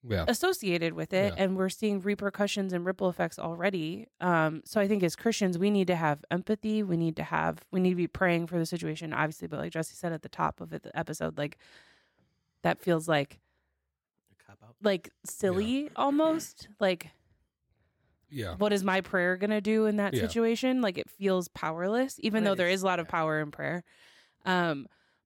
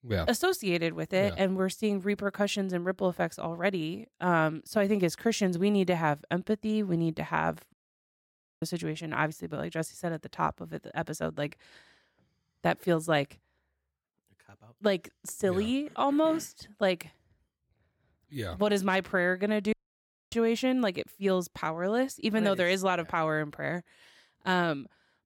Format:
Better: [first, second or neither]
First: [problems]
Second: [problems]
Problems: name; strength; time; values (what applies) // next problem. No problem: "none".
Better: first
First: none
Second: audio cutting out; at 7.5 s for 1 s and at 20 s for 0.5 s